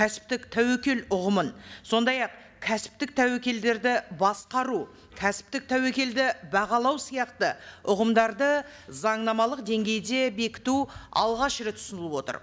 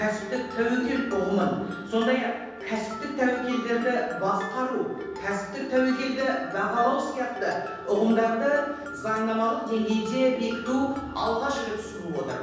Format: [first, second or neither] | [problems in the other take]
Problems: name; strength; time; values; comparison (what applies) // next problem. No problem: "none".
first | background sound (Mallet percussion); 12 dB below the speech // room echo; dies away in 1.1 s